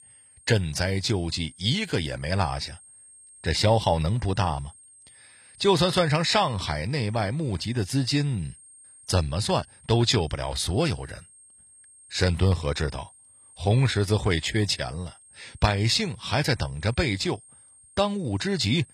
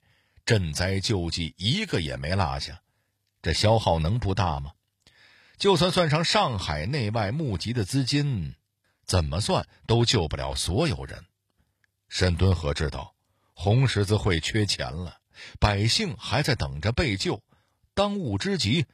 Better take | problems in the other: second | high-pitched whine; faint; throughout; 8.5 kHz, 25 dB below the speech

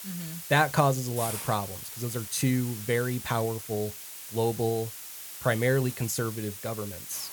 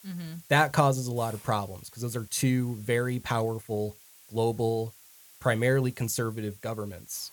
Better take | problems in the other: second | hiss; loud; throughout; 9 dB below the speech; faint in the second

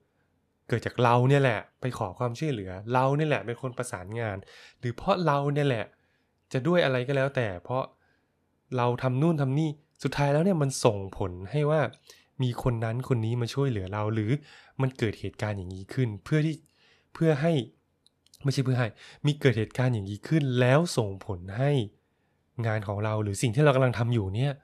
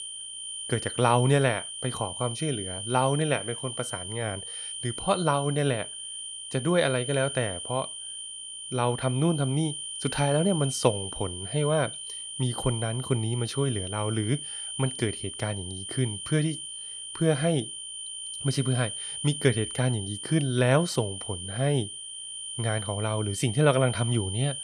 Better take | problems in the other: first | high-pitched whine; loud; throughout; 3 kHz, 7 dB below the speech

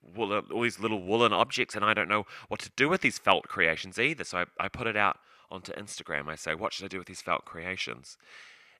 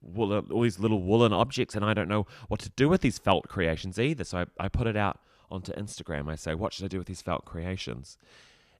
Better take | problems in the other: second | thin; somewhat; fading below 1 kHz

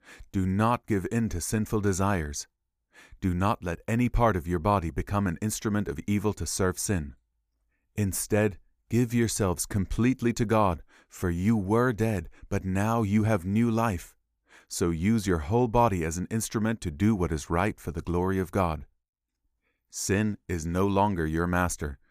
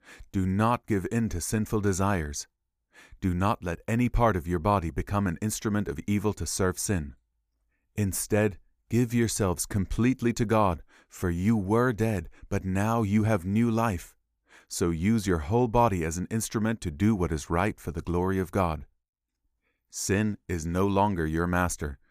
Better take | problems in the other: neither | none

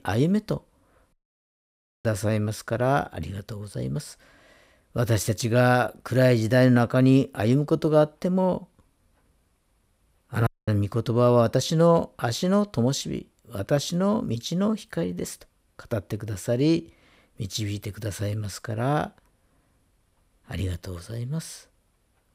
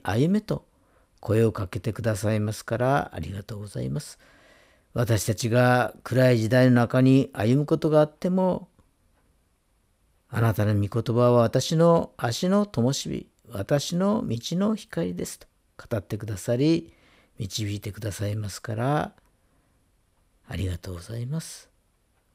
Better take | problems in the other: second | audio cutting out; at 1 s for 1 s and at 10 s

